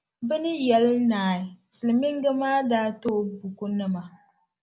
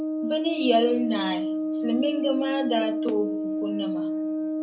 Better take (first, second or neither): first